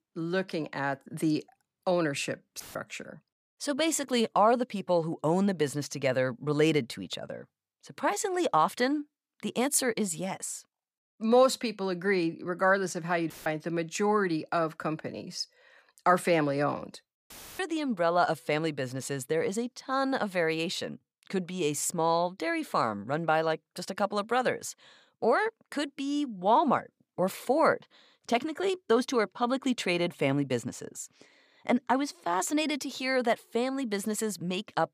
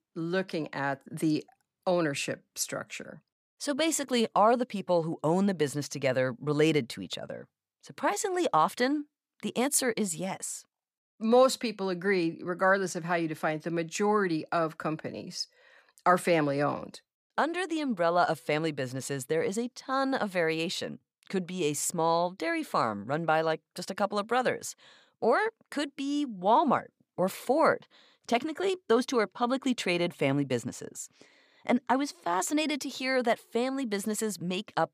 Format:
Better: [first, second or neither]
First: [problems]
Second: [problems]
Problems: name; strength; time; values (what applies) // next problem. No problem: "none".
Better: second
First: audio cutting out; filled with static; at 2.5 s, at 13 s and at 17 s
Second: none